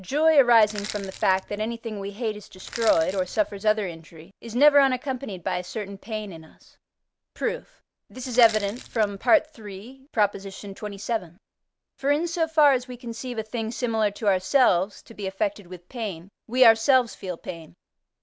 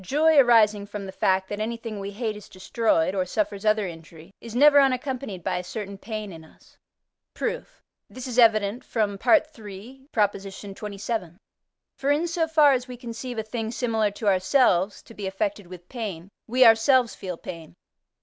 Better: second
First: background sound (Crushing); 15 dB below the speech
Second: none

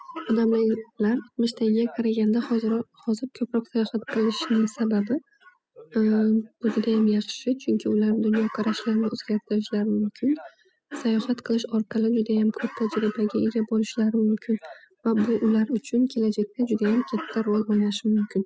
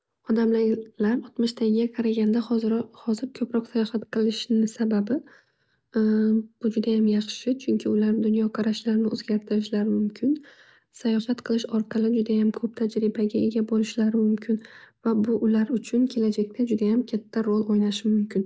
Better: second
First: noise reduction (classical method spectral subtraction)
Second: none

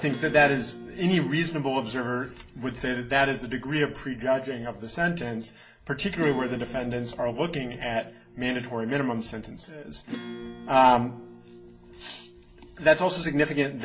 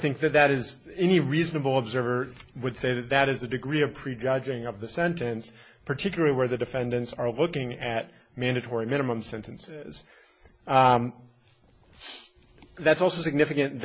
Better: second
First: background sound (Acoustic guitar / Strum); 16 dB below the speech // room echo; dies away in 0.4 s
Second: none

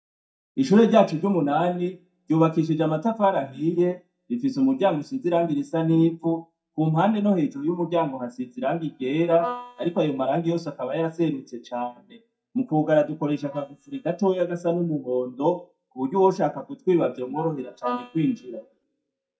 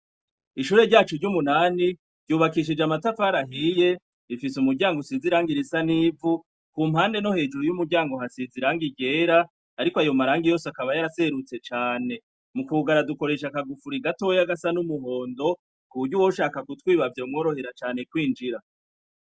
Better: second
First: noise reduction (neural mask model DeepFilterNet 3)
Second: none

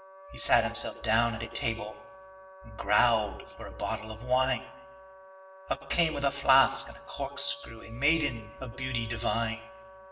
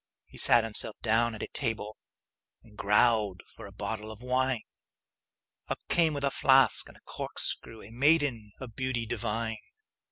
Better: second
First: background sound (Wind instrument, woodwind instrument); 18 dB below the speech // room echo; dies away in 0.8 s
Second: none

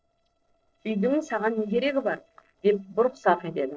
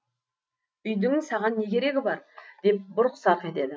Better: second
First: noise reduction (neural separator model SepFormer DNS4)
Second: none

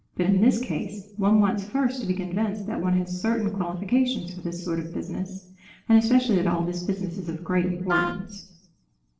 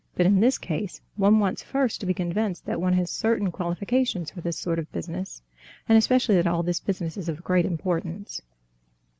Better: second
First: noise reduction (neural separator model SepFormer DNS4)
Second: none

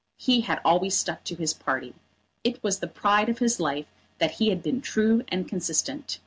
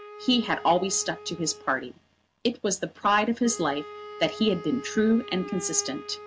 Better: first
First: none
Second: background sound (Wind instrument, woodwind instrument); 15 dB below the speech

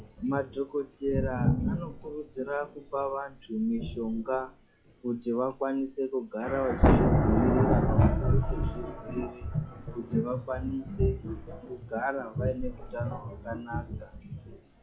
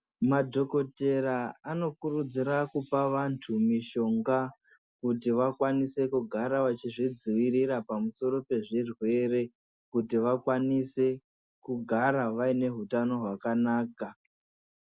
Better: second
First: noise reduction (classical method log-MMSE)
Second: none

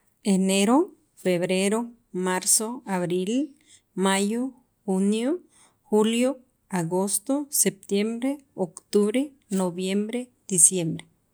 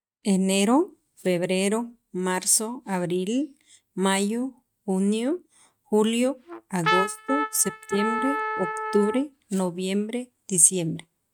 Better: first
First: none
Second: noise reduction (neural mask model RNNoise)

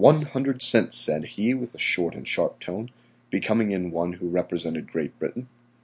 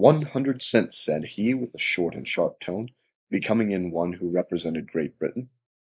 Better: first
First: none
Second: noise reduction (neural mask model Resemble Enhance denoiser)

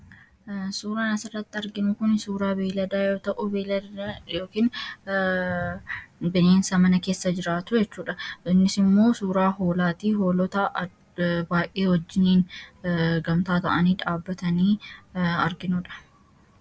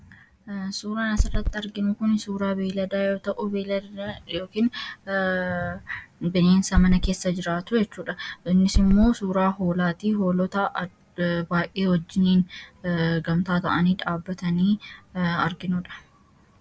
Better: first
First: none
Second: background sound (Run); 2 dB above the speech

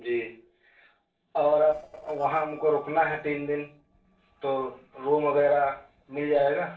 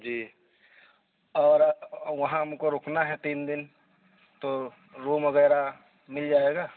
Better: second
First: noise reduction (neural separator model SepFormer DNS4)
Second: none

